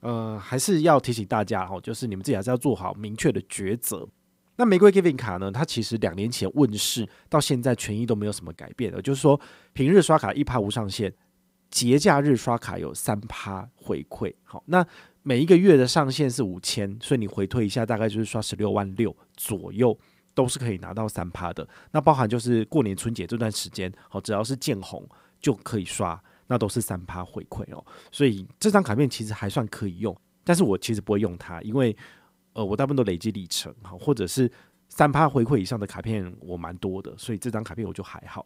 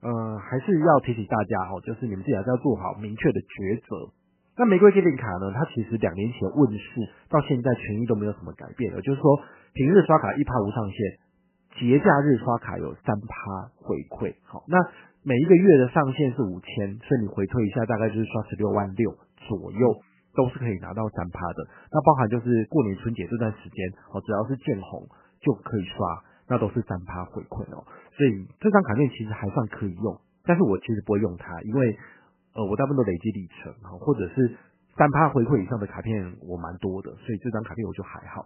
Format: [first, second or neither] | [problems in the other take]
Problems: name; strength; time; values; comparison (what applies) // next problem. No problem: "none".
first | garbled, watery; badly; nothing above 3 kHz